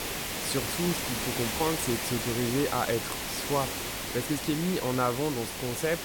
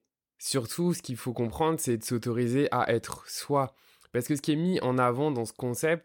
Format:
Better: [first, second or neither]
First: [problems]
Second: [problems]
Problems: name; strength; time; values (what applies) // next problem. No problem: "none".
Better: second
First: hiss; loud; throughout; 1 dB below the speech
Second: none